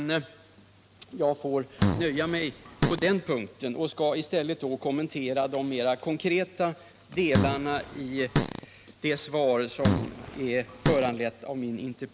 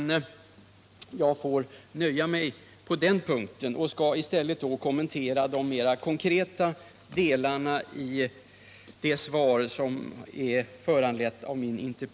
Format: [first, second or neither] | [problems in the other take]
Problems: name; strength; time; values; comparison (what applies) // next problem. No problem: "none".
second | background sound (Fart); 1 dB below the speech